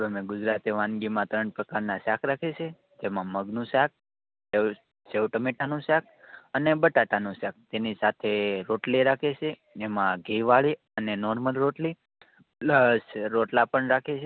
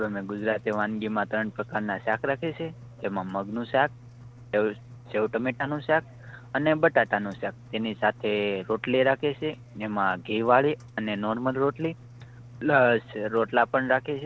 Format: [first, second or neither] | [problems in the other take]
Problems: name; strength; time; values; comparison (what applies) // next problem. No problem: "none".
first | background sound (Engine); 19 dB below the speech